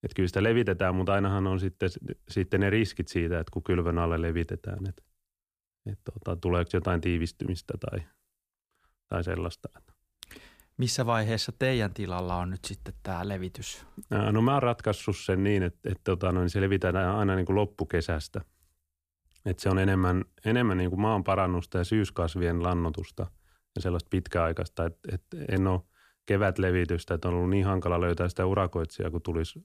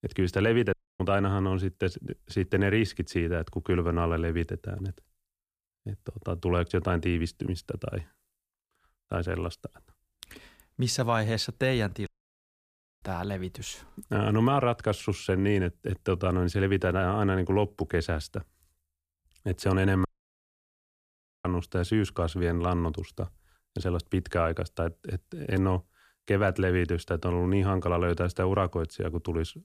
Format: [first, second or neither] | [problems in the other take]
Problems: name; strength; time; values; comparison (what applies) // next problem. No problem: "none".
first | audio cutting out; at 0.5 s, at 12 s for 1 s and at 20 s for 1.5 s